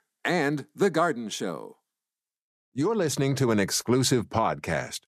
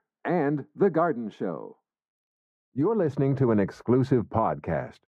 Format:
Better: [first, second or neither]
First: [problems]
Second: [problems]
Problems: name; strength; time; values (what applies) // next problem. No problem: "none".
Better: first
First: none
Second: muffled; very; fading above 3 kHz